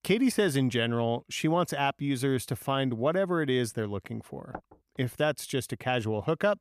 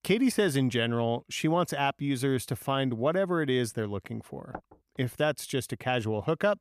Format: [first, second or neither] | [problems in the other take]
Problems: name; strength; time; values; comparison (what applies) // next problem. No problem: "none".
neither | door banging; faint; at 4.5 s; peak 15 dB below the speech; the same in both